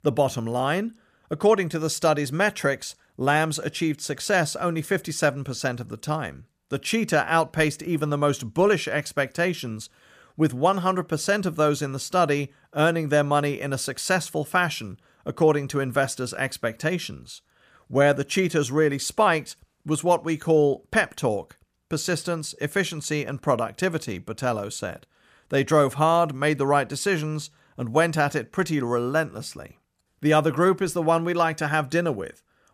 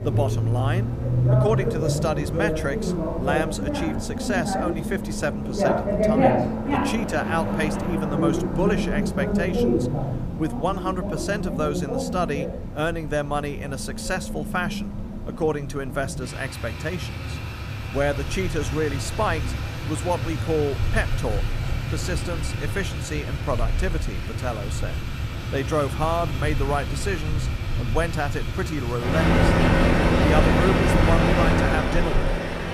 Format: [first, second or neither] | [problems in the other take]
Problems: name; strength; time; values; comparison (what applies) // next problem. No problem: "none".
first | traffic noise; very loud; throughout; 3 dB above the speech